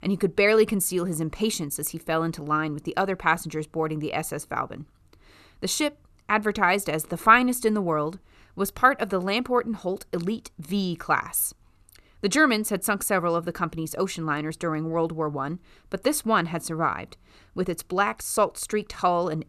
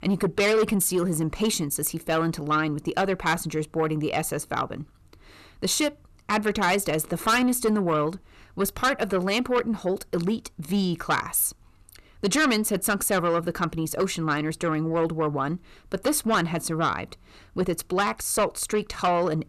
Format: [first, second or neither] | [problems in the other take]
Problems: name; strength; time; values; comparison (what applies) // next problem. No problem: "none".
first | distortion; heavy; 8 dB below the speech